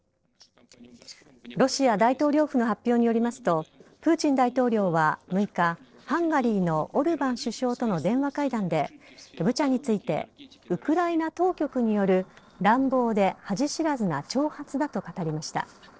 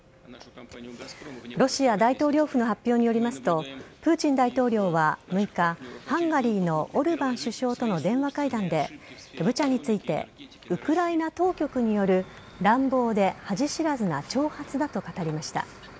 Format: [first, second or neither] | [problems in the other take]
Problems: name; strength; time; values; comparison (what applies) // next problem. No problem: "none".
second | noise reduction (neural separator model SepFormer DNS4)